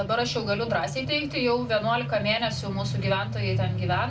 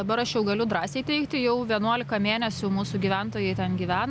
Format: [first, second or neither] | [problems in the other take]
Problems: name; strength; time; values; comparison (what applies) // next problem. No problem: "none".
second | room echo; dies away in 0.2 s